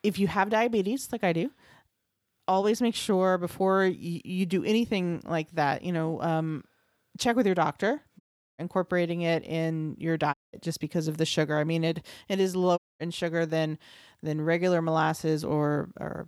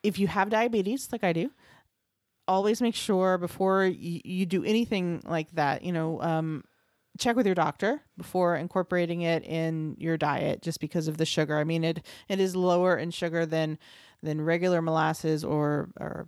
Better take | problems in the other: second | audio cutting out; at 8 s, at 10 s and at 13 s

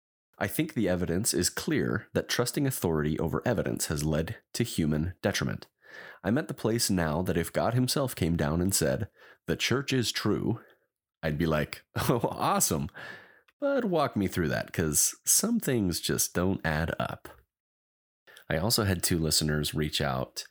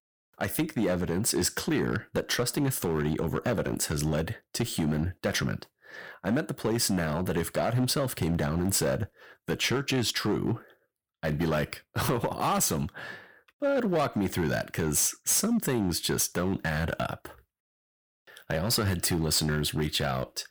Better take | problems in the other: first | distortion; slight; 7% of the sound clipped

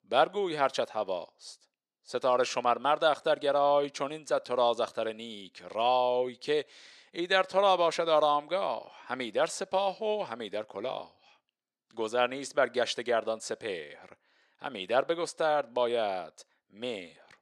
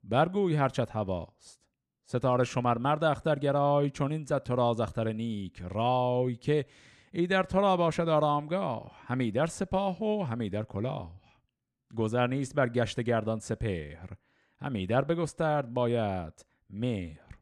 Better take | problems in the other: second | thin; very; fading below 500 Hz

